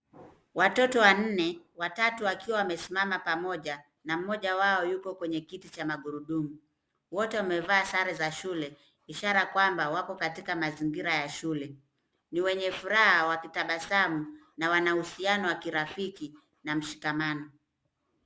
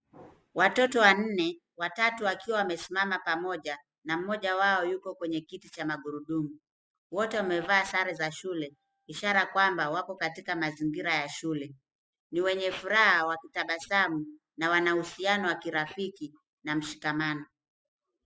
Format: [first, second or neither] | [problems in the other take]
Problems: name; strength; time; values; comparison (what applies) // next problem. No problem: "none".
first | noise reduction (classical method spectral subtraction)